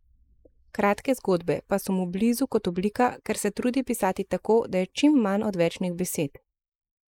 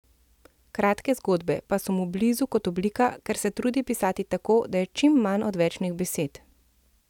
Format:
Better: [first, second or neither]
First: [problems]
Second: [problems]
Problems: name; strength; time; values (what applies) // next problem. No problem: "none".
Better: second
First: noise reduction (neural mask model Resemble Enhance denoiser)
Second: none